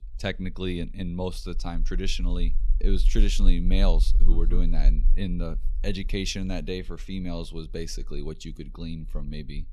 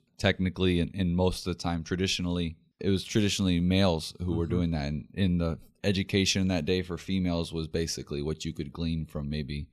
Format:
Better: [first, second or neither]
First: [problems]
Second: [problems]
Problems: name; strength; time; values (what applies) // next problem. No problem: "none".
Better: second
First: low rumble; noticeable; throughout; 20 dB below the speech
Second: none